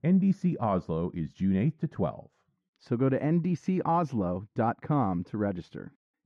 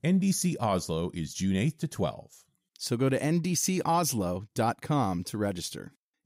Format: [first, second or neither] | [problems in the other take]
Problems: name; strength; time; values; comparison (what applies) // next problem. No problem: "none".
second | muffled; very; fading above 1.5 kHz